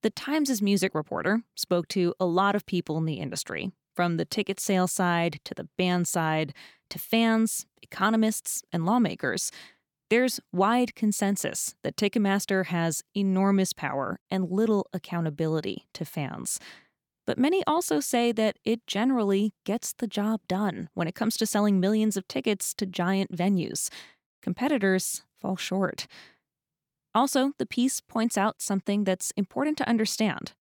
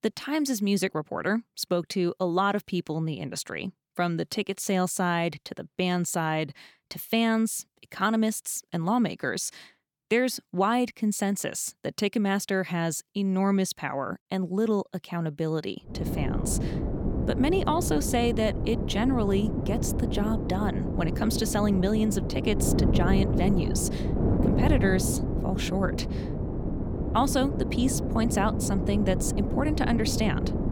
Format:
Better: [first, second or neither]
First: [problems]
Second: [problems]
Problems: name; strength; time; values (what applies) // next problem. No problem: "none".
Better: first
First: none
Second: wind noise on the microphone; heavy; from 16 s on; 6 dB below the speech